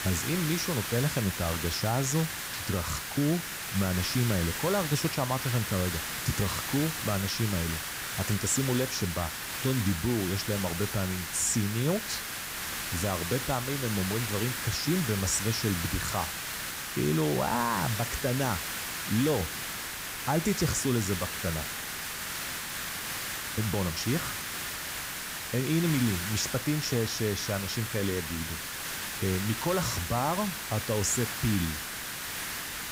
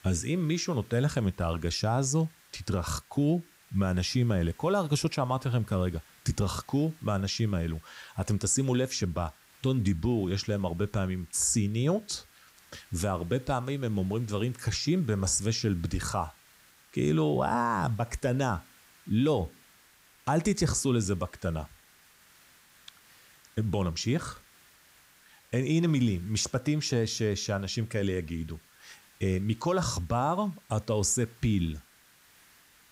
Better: second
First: hiss; loud; throughout; 3 dB below the speech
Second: hiss; faint; throughout; 25 dB below the speech

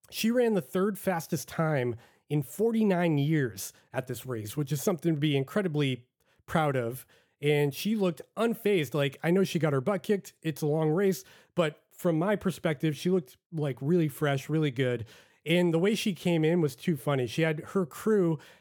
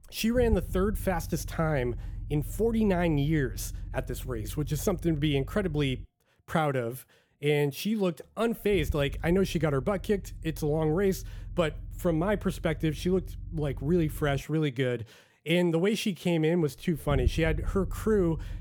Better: first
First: none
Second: low rumble; faint; throughout; 25 dB below the speech

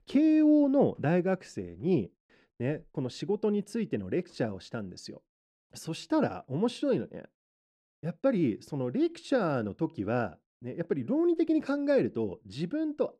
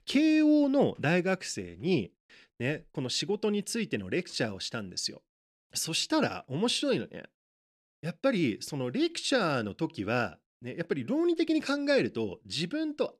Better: second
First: muffled; slightly; fading above 1.5 kHz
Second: none

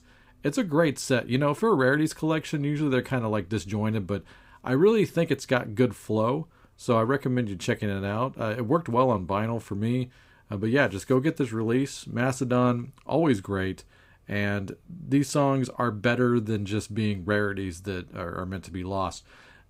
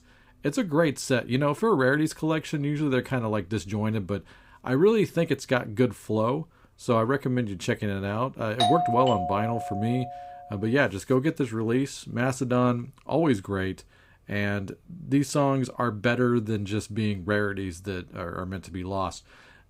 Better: first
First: none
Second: doorbell; loud; from 8.5 to 10 s; peak 3 dB above the speech

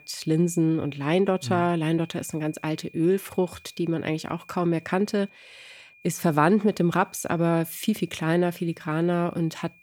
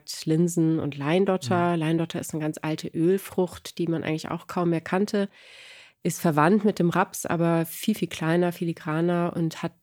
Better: second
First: high-pitched whine; faint; throughout; 2.5 kHz, 25 dB below the speech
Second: none

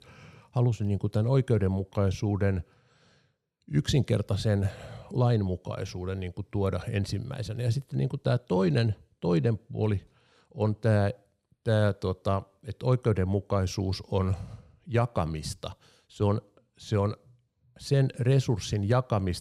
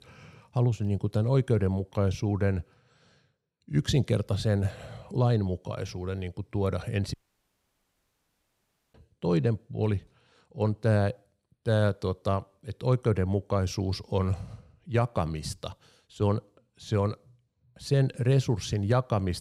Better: first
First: none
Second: audio cutting out; at 7 s for 2 s

